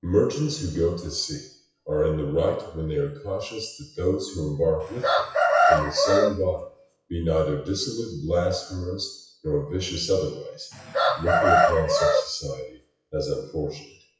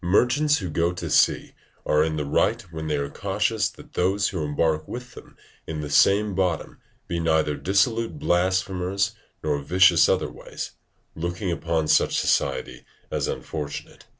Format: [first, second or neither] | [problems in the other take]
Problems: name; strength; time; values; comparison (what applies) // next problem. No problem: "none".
second | noise reduction (classical method WPE with log-MMSE)